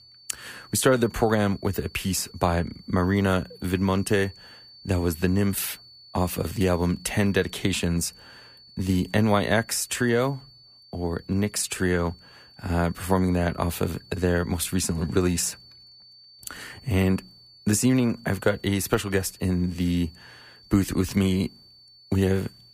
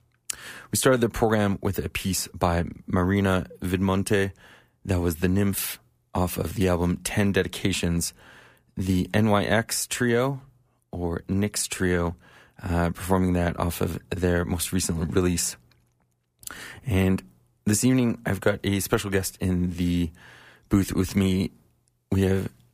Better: second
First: high-pitched whine; faint; throughout; 4.5 kHz, 25 dB below the speech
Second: none

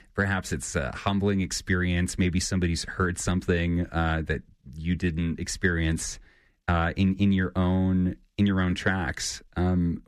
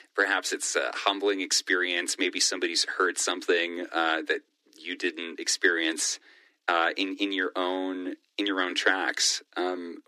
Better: first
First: none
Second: thin; very; fading below 300 Hz

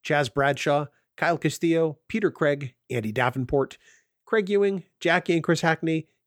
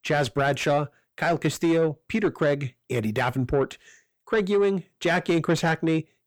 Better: first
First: none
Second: distortion; slight; 10 dB below the speech

